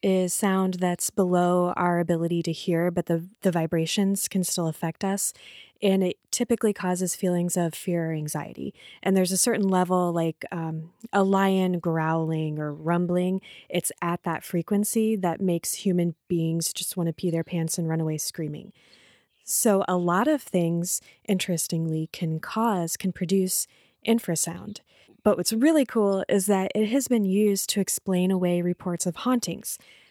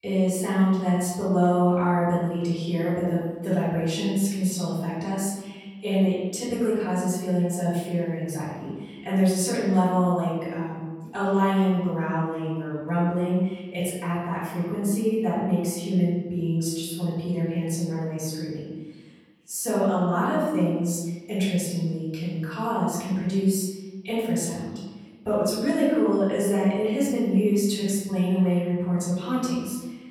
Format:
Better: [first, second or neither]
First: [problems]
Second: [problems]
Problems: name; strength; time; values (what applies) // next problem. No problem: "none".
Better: first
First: none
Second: room echo; noticeable; dies away in 1.2 s // off-mic speech; far